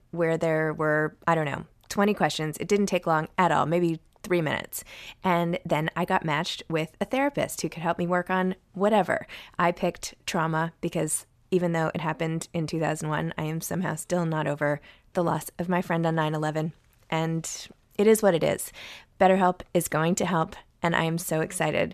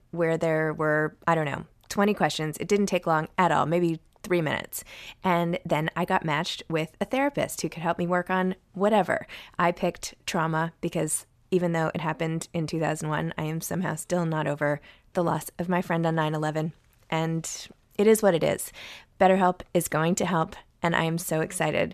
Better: neither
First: none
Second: none

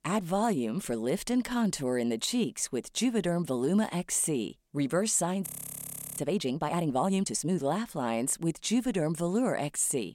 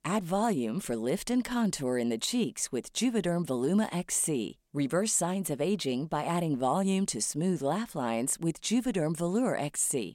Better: second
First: audio freezing; at 5.5 s for 0.5 s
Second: none

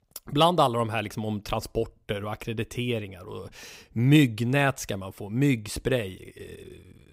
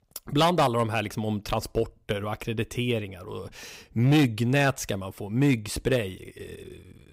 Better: first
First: none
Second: distortion; slight; 3% of the sound clipped

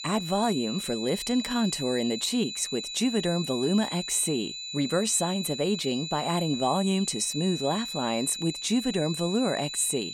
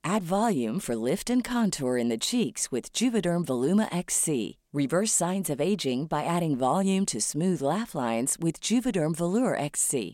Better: second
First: high-pitched whine; loud; throughout; 4 kHz, 6 dB below the speech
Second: none

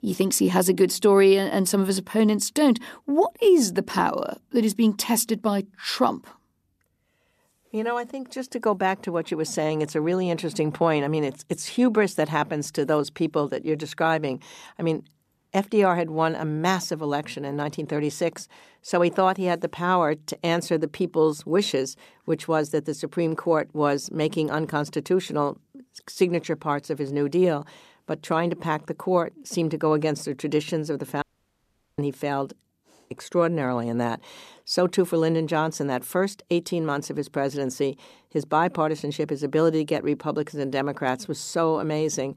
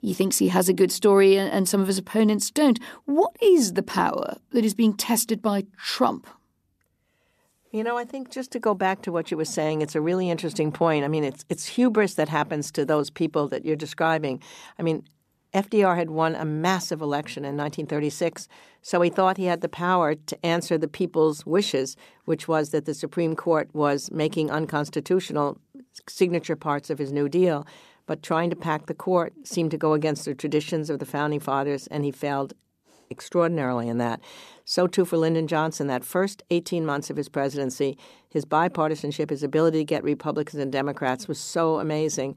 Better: second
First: audio cutting out; at 31 s for 1 s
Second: none

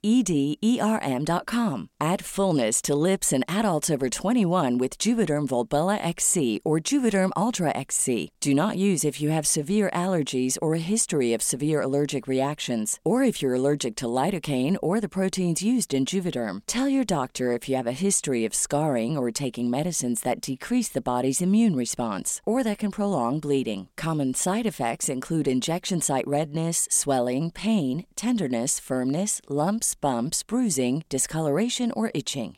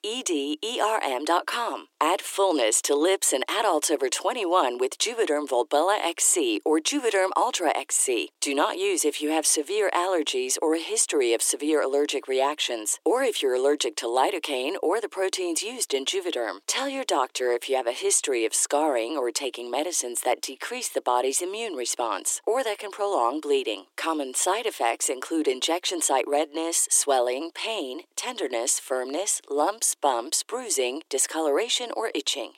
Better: first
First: none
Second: thin; very; fading below 300 Hz

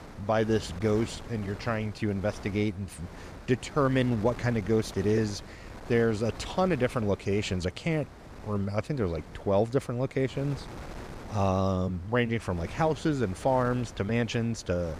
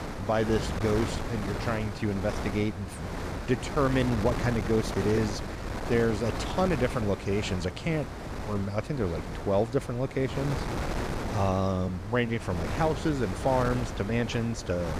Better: first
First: wind noise on the microphone; occasional gusts; 15 dB below the speech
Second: wind noise on the microphone; heavy; 6 dB below the speech

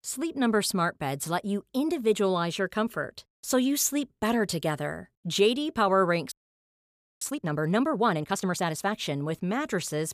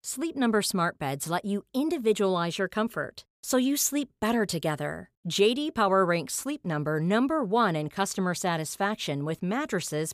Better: second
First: audio freezing; at 6.5 s for 1 s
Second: none

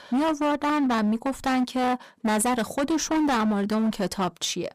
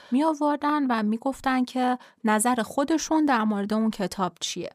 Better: second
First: distortion; slight; 23% of the sound clipped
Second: none

